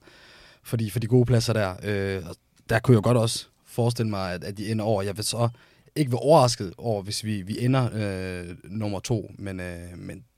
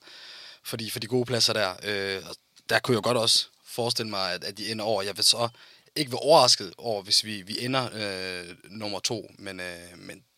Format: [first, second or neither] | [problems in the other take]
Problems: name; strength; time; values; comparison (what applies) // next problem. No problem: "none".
first | thin; somewhat; fading below 700 Hz